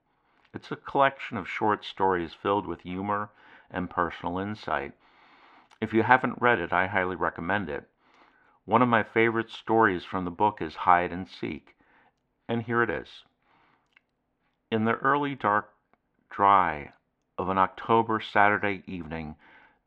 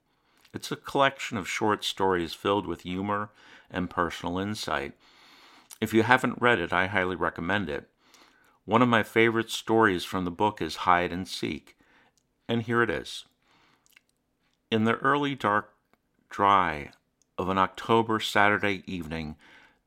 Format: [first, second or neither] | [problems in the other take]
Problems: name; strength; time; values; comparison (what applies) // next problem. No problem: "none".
second | muffled; very; fading above 2 kHz